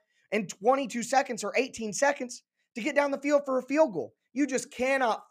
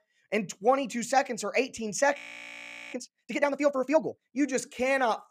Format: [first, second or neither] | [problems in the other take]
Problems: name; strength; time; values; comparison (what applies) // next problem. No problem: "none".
first | audio freezing; at 2 s for 0.5 s